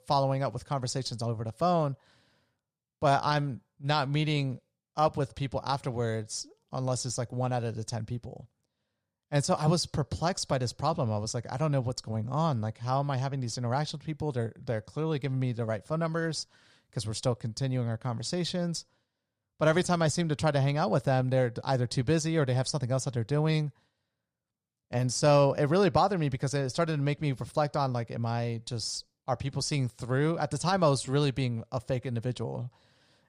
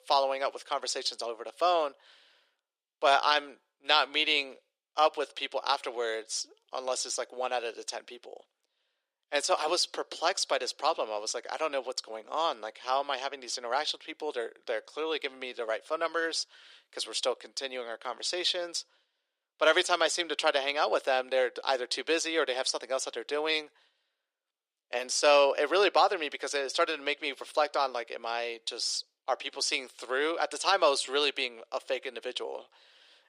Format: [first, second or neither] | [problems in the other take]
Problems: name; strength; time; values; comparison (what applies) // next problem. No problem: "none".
first | thin; very; fading below 350 Hz